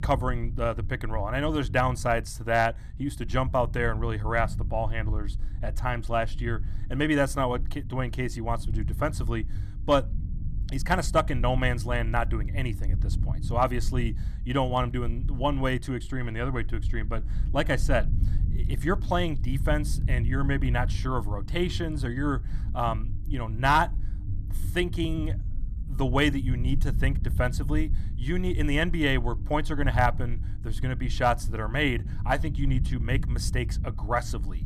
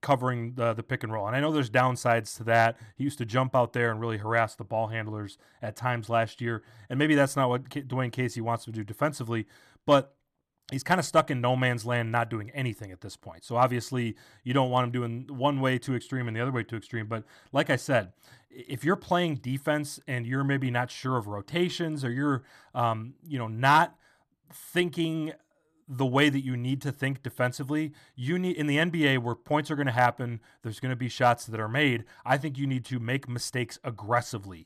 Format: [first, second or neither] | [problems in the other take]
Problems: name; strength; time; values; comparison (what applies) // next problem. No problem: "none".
second | low rumble; noticeable; throughout; 20 dB below the speech